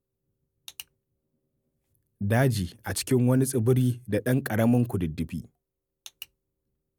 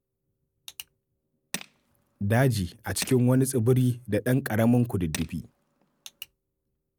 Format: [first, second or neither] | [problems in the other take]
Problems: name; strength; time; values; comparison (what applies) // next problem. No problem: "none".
first | background sound (Tools); 16 dB below the speech